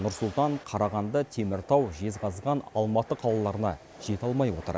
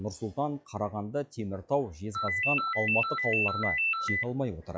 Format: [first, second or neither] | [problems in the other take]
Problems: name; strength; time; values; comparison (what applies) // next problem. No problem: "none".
first | noise reduction (classical method log-MMSE)